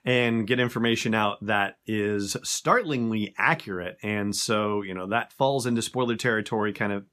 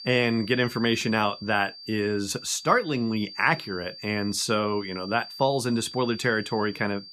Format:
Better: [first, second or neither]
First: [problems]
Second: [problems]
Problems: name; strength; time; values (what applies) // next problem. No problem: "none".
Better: first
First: none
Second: high-pitched whine; noticeable; throughout; 4.5 kHz, 15 dB below the speech